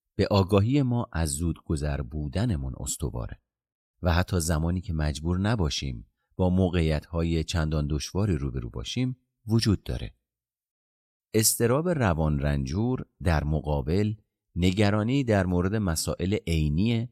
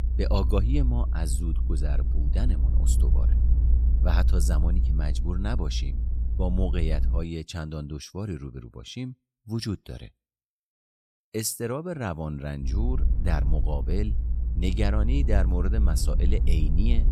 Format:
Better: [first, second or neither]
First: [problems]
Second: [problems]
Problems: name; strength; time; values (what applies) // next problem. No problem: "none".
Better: first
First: none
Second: low rumble; loud; until 7 s and from 13 s on; 9 dB below the speech